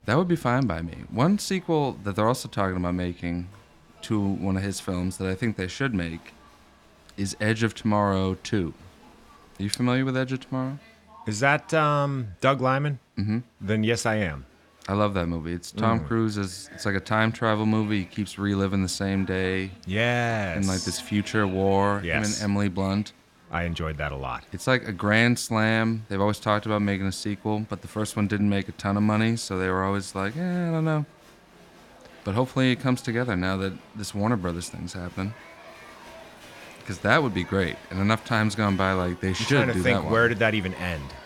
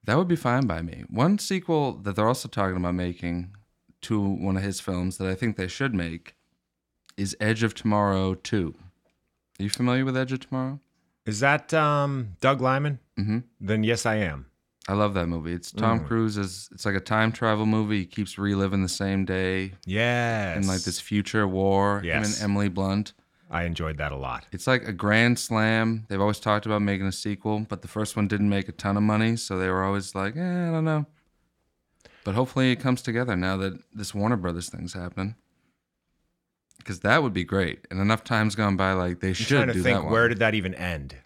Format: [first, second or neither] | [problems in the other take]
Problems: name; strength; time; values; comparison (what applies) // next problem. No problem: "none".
second | crowd noise; faint; throughout; 25 dB below the speech